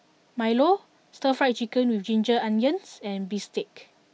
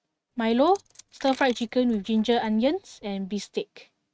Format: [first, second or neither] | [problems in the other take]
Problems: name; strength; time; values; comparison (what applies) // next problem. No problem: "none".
first | noise reduction (neural mask model RNNoise)